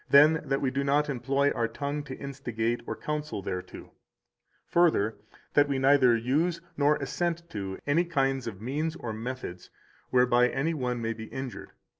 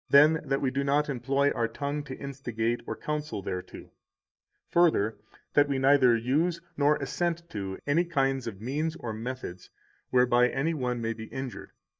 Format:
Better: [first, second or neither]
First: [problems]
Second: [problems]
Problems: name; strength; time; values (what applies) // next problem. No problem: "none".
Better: first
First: none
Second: noise reduction (neural mask model DeepFilterNet 3)